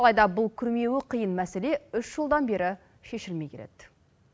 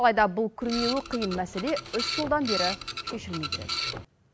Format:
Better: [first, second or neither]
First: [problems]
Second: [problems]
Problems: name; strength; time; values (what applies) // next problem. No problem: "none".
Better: first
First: none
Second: background sound (Printer); 5 dB below the speech